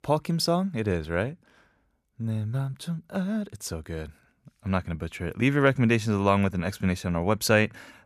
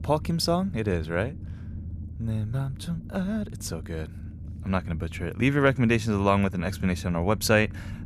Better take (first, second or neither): first